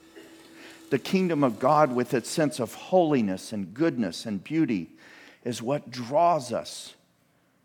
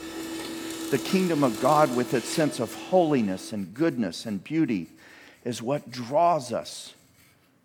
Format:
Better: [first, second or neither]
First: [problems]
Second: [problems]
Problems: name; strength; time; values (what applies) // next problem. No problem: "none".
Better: first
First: household noises; faint; throughout; 25 dB below the speech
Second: household noises; loud; throughout; 9 dB below the speech